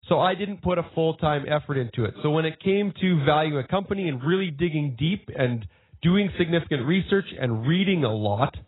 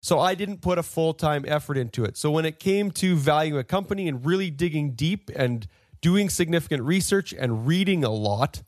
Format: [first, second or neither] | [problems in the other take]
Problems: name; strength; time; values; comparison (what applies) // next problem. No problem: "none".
second | garbled, watery; badly; nothing above 4 kHz